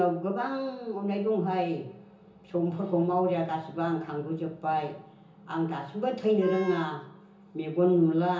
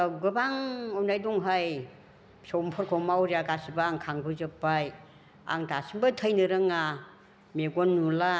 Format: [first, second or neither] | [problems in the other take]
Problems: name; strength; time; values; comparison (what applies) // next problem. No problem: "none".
second | background sound (Wind instrument, woodwind instrument); 15 dB below the speech // room echo; dies away in 0.7 s